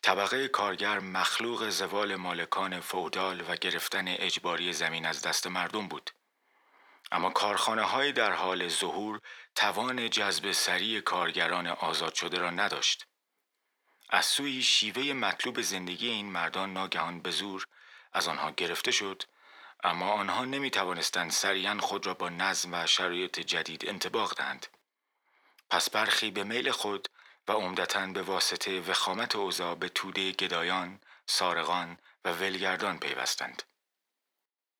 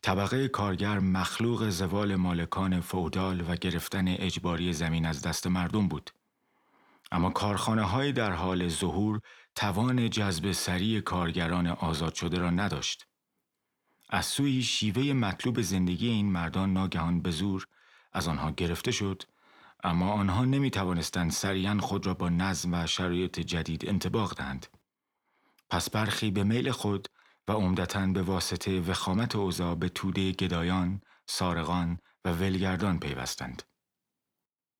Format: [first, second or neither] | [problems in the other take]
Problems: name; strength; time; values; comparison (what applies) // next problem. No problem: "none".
second | thin; very; fading below 500 Hz